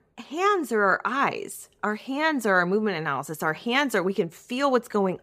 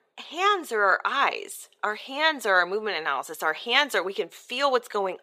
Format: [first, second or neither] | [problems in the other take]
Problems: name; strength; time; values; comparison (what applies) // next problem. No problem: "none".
first | thin; somewhat; fading below 550 Hz